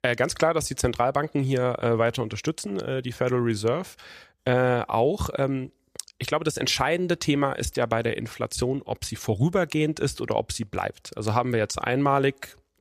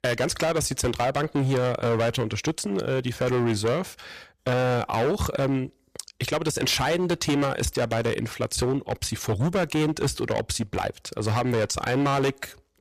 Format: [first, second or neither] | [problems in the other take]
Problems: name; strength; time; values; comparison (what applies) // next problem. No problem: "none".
first | distortion; heavy; 16% of the sound clipped